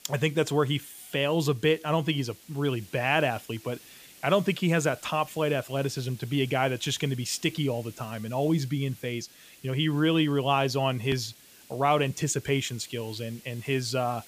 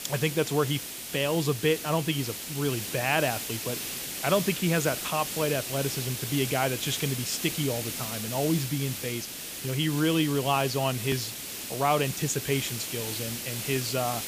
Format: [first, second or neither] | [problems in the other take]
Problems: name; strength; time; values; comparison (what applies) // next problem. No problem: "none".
first | hiss; loud; throughout; 5 dB below the speech; faint in the first